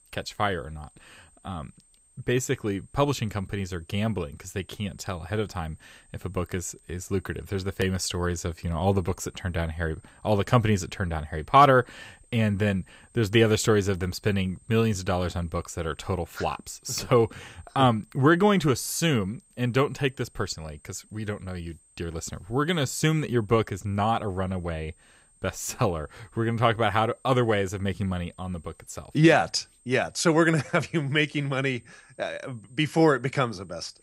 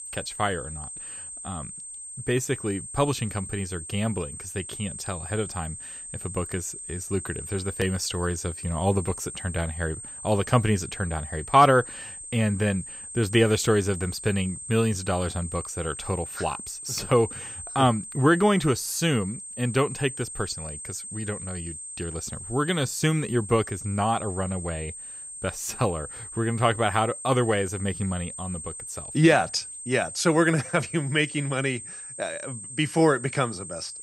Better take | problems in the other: first | high-pitched whine; loud; throughout; 8.5 kHz, 10 dB below the speech; faint in the first

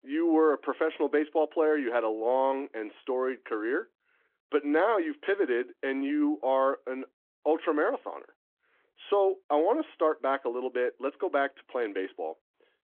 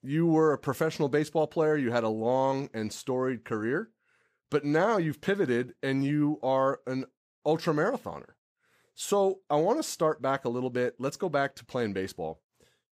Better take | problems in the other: second | phone-call audio

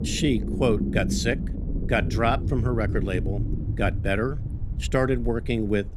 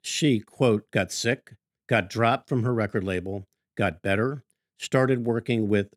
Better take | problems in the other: second | low rumble; noticeable; throughout; 10 dB below the speech

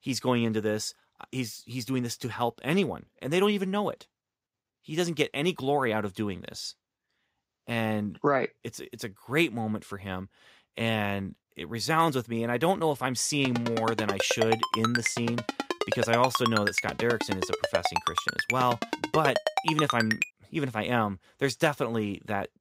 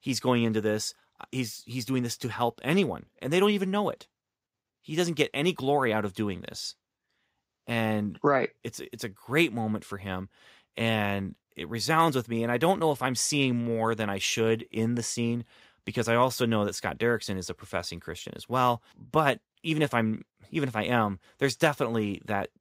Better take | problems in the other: second | phone ringing; loud; from 13 to 20 s; peak 1 dB above the speech

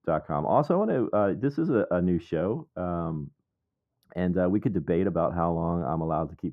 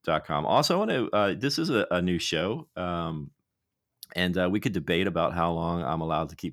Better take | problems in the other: second | muffled; very; fading above 1.5 kHz

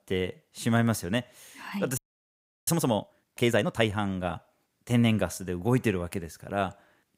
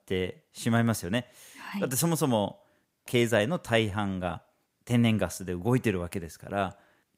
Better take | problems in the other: second | audio freezing; at 2 s for 0.5 s

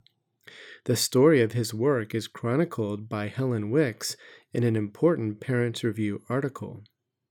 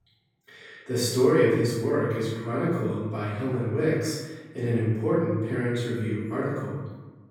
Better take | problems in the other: first | off-mic speech; far // room echo; strong; dies away in 1.1 s

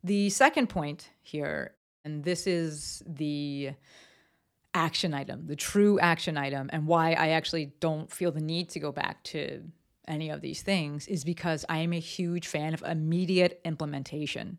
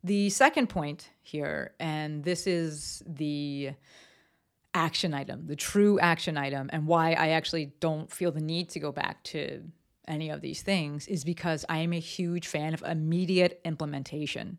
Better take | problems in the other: second | audio cutting out; at 2 s

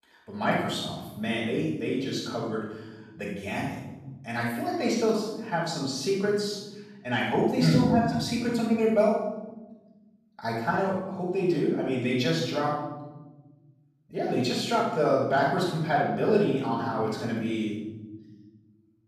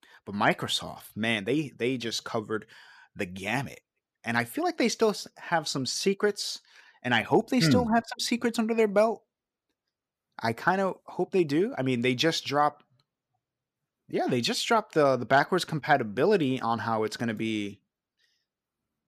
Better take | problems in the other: second | off-mic speech; far // room echo; strong; dies away in 1.5 s

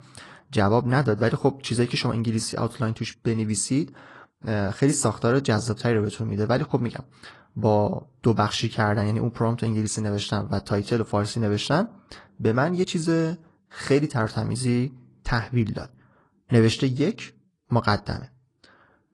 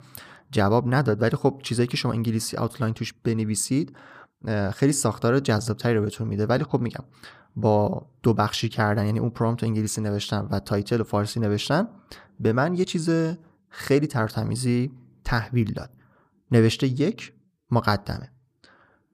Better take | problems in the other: second | garbled, watery; slightly

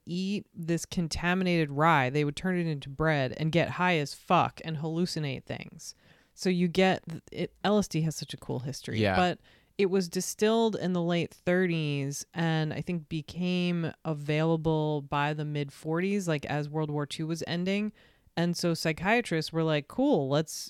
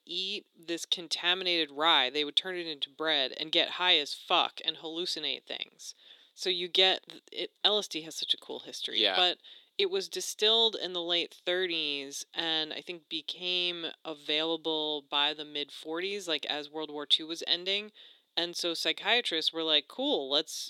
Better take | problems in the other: first | thin; somewhat; fading below 350 Hz

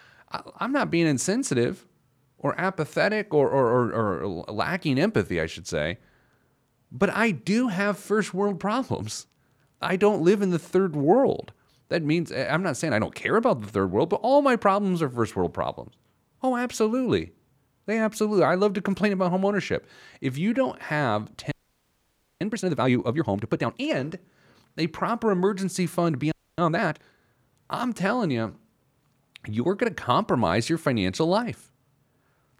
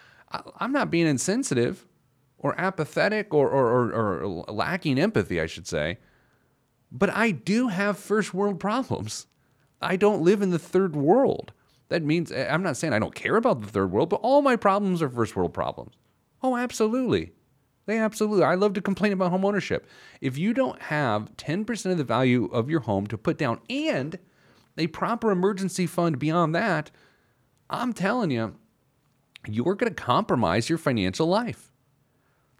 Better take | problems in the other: second | audio freezing; at 22 s for 1 s and at 26 s

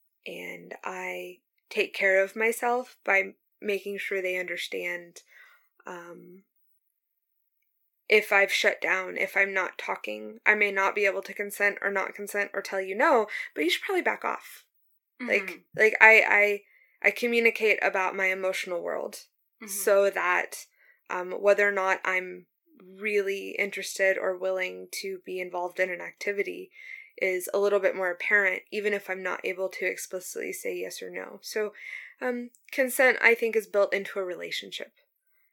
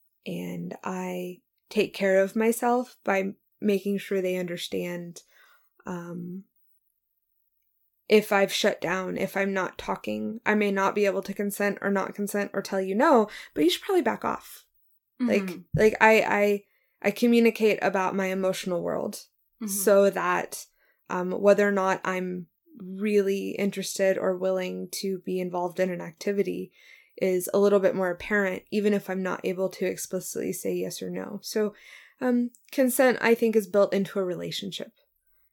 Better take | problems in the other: second | thin; somewhat; fading below 450 Hz

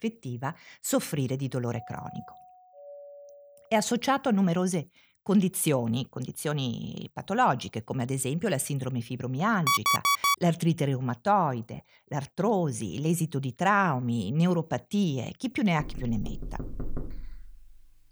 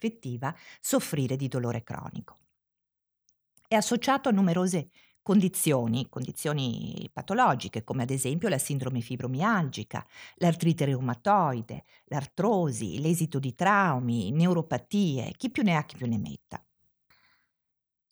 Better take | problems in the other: second | doorbell; faint; from 1.5 to 3.5 s; peak 15 dB below the speech // alarm; loud; at 9.5 s; peak 5 dB above the speech // door banging; faint; from 16 to 18 s; peak 10 dB below the speech

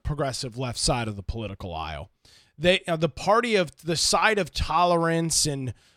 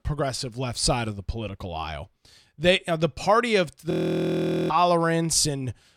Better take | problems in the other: first | audio freezing; at 4 s for 1 s

